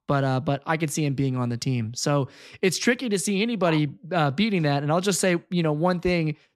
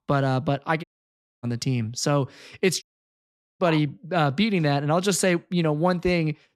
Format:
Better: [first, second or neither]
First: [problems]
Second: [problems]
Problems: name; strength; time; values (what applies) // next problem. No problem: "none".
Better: first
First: none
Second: audio cutting out; at 1 s for 0.5 s and at 3 s for 1 s